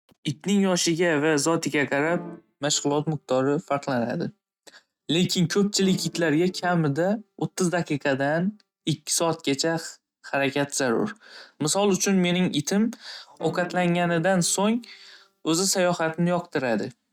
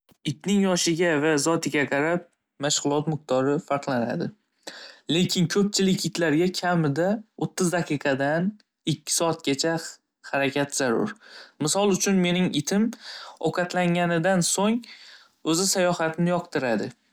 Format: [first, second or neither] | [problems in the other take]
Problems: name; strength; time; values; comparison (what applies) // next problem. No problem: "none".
second | noise reduction (neural mask model RNNoise)